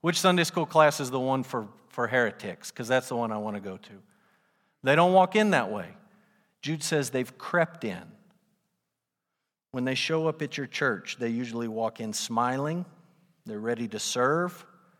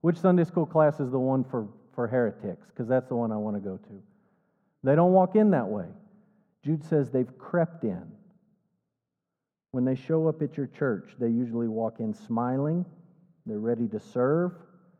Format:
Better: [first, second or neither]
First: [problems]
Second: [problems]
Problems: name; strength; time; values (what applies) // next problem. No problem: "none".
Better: first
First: none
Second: muffled; very; fading above 1.5 kHz